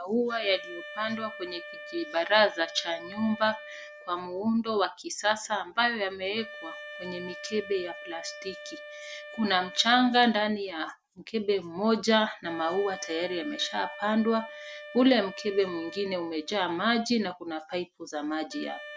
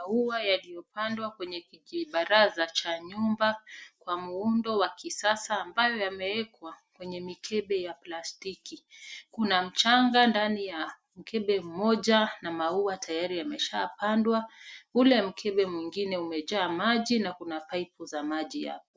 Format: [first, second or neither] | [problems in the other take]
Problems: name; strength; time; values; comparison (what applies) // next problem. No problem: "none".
second | background sound (Wind instrument, woodwind instrument); 16 dB below the speech